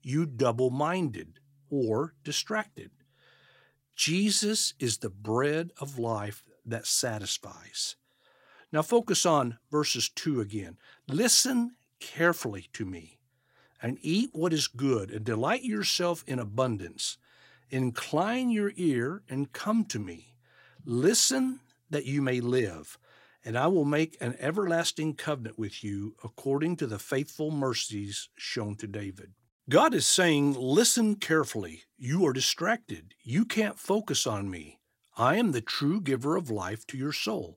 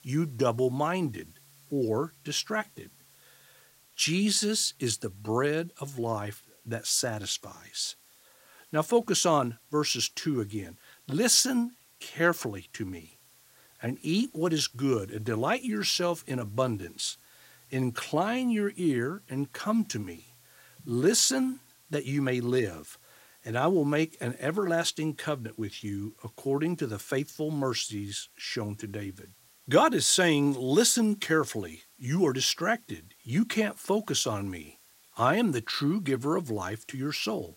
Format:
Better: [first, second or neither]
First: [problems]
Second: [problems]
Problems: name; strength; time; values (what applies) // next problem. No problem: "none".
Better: first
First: none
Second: hiss; faint; throughout; 30 dB below the speech